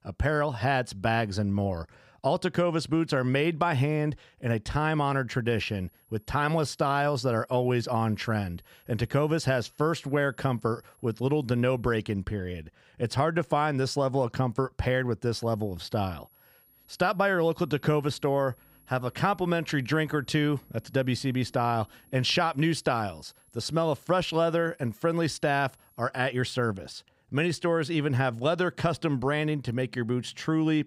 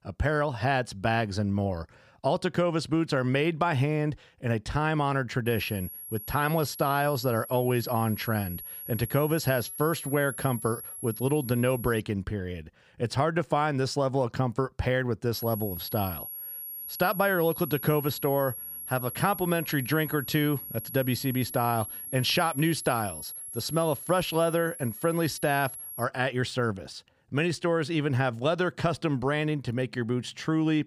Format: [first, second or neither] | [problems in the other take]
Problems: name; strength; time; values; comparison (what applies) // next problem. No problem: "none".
first | high-pitched whine; loud; from 5.5 to 12 s and from 15 to 26 s; 11.5 kHz, 9 dB below the speech; faint in the first